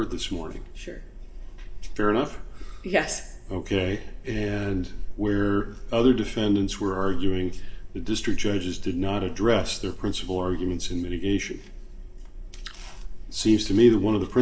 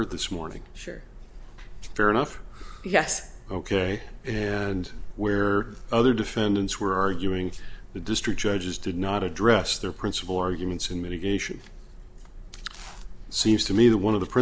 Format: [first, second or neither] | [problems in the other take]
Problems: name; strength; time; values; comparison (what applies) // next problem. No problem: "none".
second | room echo; dies away in 0.8 s